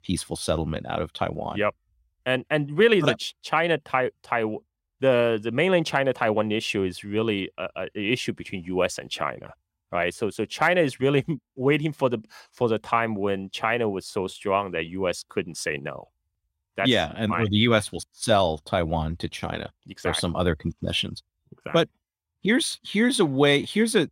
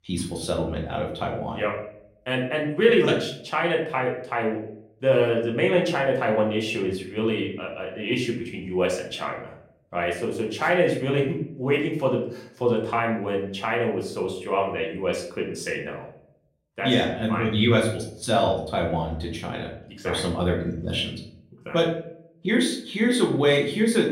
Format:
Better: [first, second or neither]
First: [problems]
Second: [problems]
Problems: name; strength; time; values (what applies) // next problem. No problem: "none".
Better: first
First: none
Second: room echo; slight; dies away in 0.5 s // off-mic speech; far